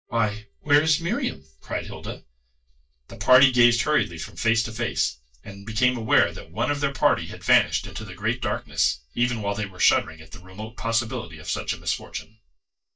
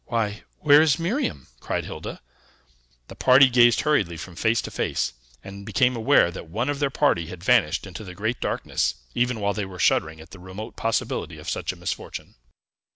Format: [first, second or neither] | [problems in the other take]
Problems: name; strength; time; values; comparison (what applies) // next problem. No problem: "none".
second | noise reduction (neural mask model DeepFilterNet 3)